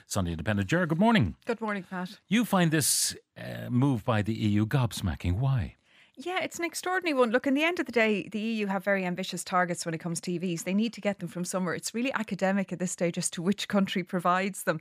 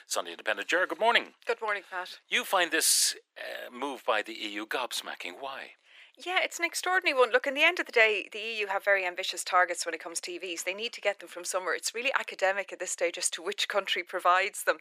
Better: first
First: none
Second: thin; very; fading below 400 Hz

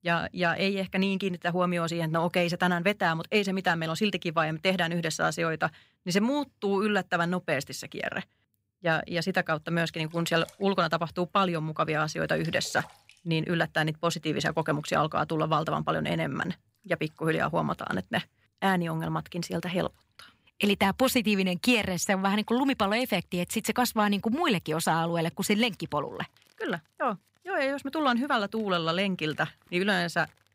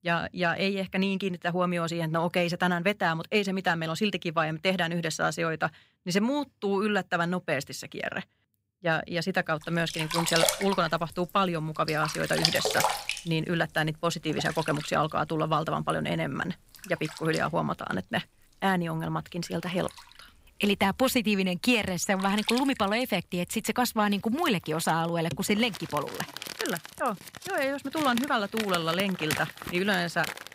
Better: first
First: household noises; faint; from 9.5 s on; 30 dB below the speech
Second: household noises; loud; from 9.5 s on; 5 dB below the speech

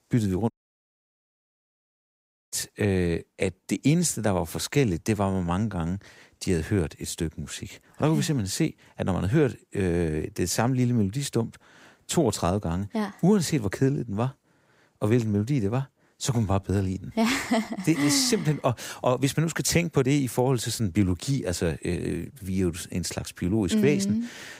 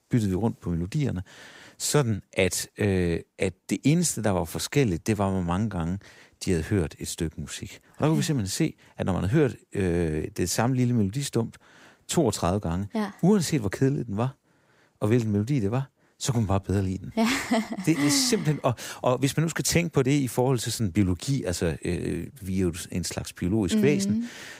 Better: second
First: audio cutting out; at 0.5 s for 2 s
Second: none

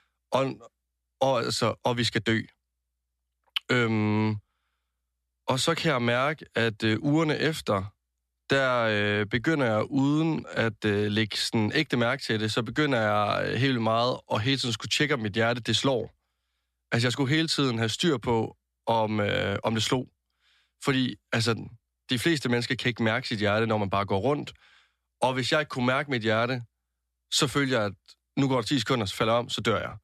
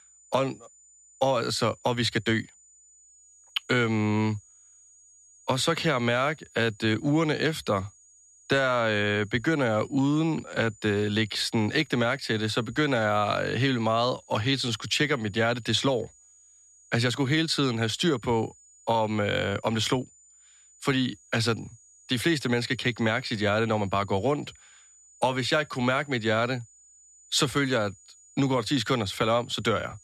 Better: first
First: none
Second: high-pitched whine; faint; throughout; 7 kHz, 25 dB below the speech

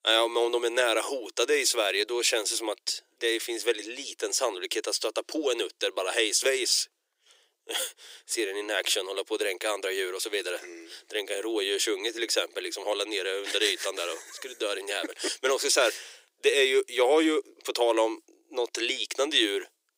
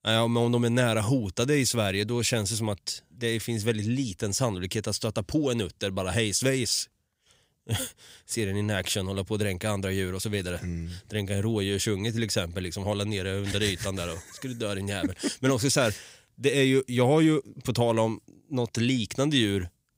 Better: second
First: thin; very; fading below 350 Hz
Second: none

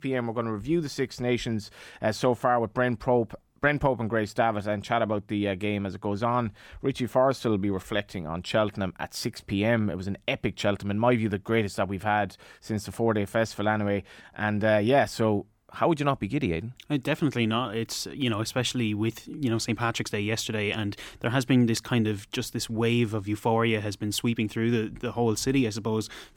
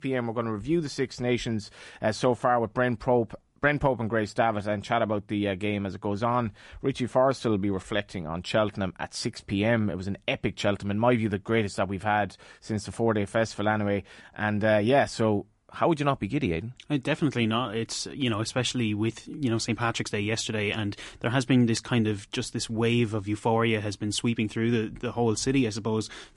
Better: first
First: none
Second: garbled, watery; slightly; nothing above 11 kHz

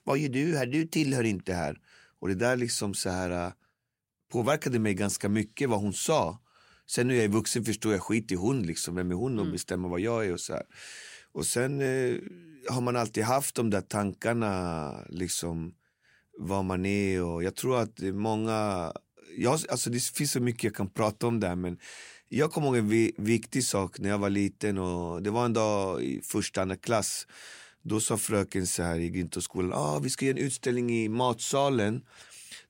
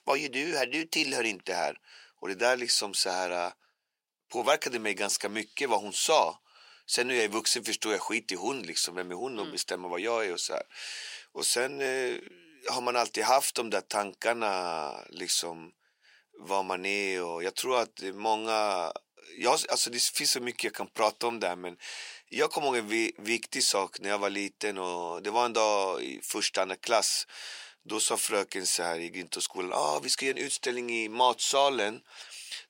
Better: first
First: none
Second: thin; very; fading below 500 Hz

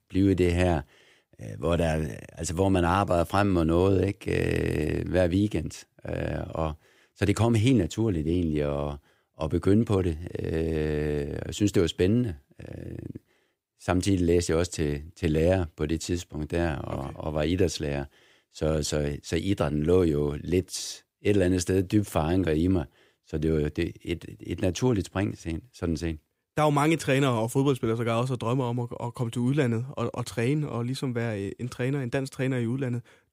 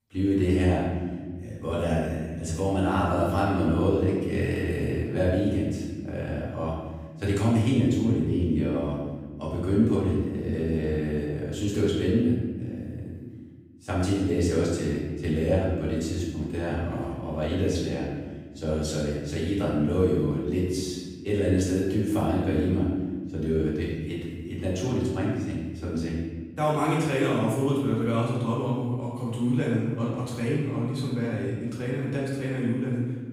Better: first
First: none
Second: room echo; noticeable; dies away in 1.4 s // off-mic speech; far

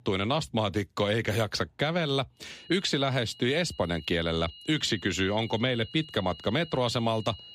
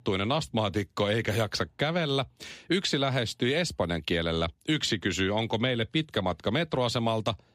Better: second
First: high-pitched whine; noticeable; from 2.5 s on; 3 kHz, 20 dB below the speech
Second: none

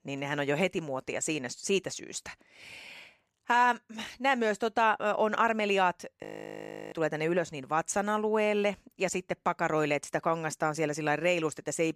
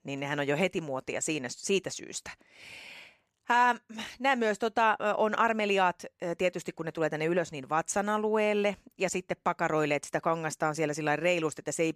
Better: second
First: audio freezing; at 6 s for 0.5 s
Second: none

